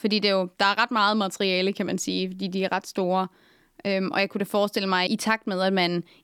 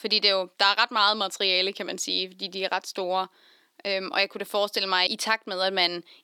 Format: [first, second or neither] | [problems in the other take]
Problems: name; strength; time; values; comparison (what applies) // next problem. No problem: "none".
first | thin; somewhat; fading below 400 Hz